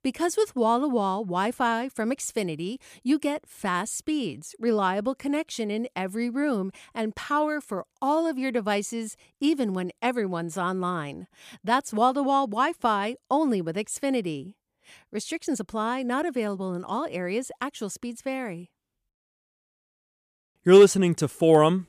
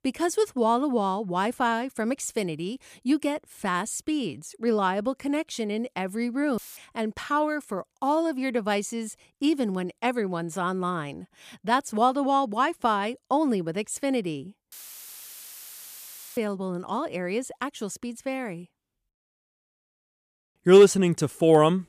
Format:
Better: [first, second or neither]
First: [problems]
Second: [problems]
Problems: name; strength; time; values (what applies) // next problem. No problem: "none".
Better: first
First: none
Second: audio cutting out; filled with static; at 6.5 s and at 15 s for 1.5 s